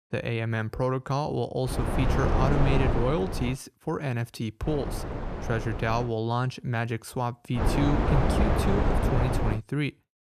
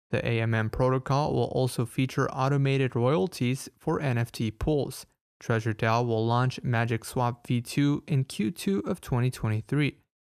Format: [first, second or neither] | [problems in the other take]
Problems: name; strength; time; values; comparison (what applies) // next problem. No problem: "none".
second | wind noise on the microphone; heavy; from 1.5 to 3.5 s, from 4.5 to 6 s and from 7.5 to 9.5 s; as loud as the speech